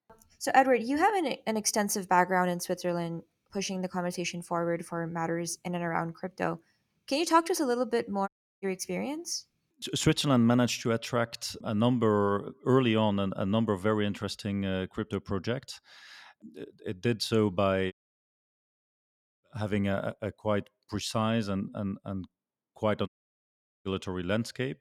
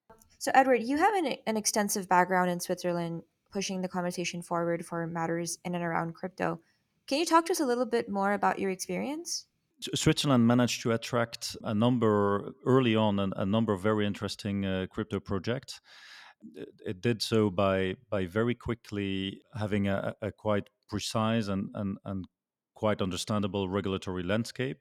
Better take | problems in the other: second | audio cutting out; at 8.5 s, at 18 s for 1.5 s and at 23 s for 1 s

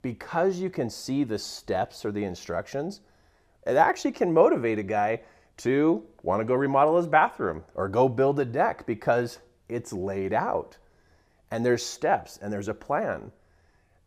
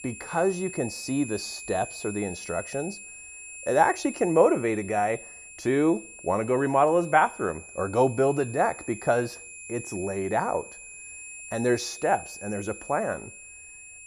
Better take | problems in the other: first | high-pitched whine; noticeable; throughout; 2.5 kHz, 15 dB below the speech

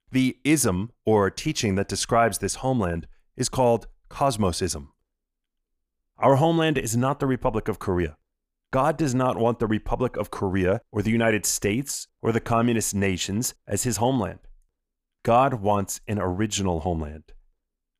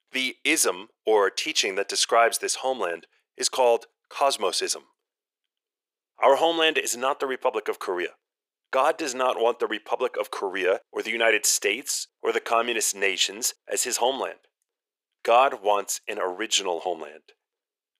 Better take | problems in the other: first | thin; very; fading below 400 Hz

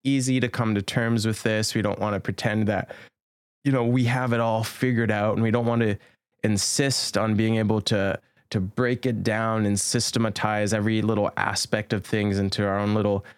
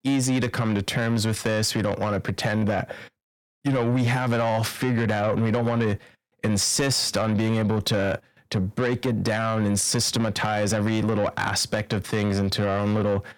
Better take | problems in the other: first | distortion; slight; 10 dB below the speech

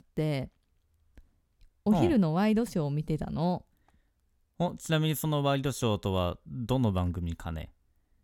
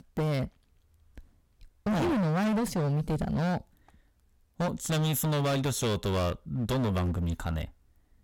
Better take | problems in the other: first | distortion; heavy; 23% of the sound clipped

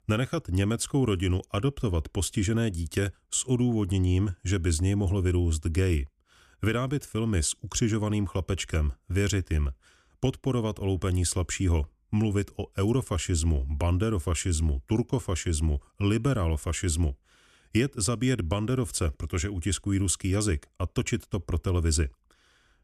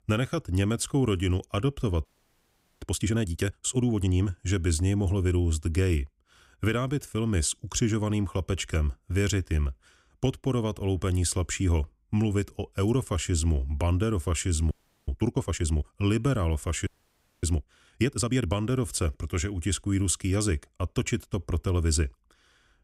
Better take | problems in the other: first | audio freezing; at 2 s for 1 s, at 15 s and at 17 s for 0.5 s

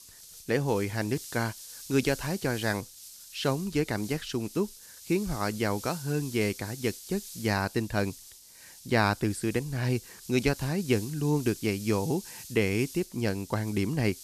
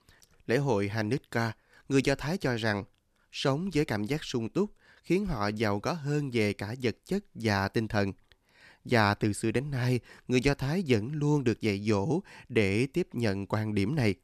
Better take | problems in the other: second | hiss; noticeable; throughout; 15 dB below the speech

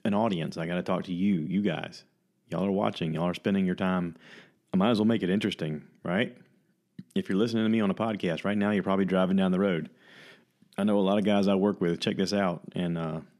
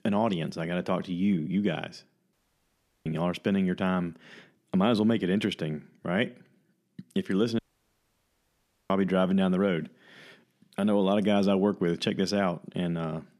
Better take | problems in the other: first | audio cutting out; at 2.5 s for 0.5 s and at 7.5 s for 1.5 s

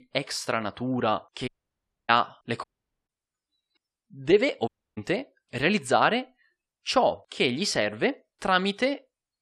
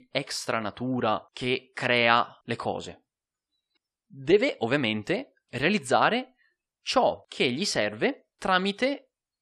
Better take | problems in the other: second | audio cutting out; at 1.5 s for 0.5 s, at 2.5 s and at 4.5 s

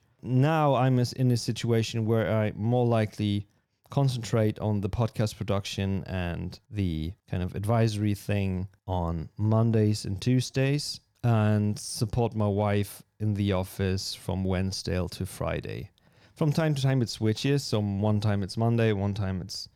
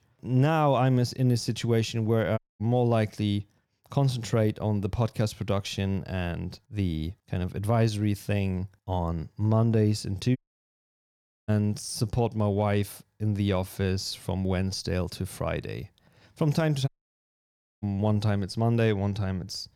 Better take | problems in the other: first | audio cutting out; at 2.5 s, at 10 s for 1 s and at 17 s for 1 s

